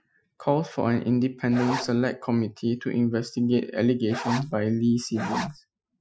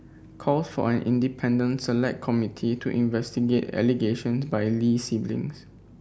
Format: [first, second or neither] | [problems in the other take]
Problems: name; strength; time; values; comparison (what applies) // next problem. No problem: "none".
second | noise reduction (classical method Wiener filter)